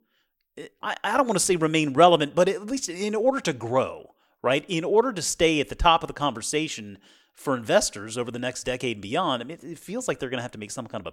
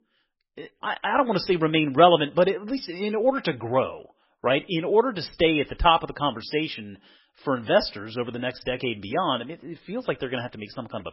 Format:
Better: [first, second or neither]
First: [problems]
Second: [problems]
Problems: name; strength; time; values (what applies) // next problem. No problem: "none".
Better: first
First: none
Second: garbled, watery; badly; nothing above 5.5 kHz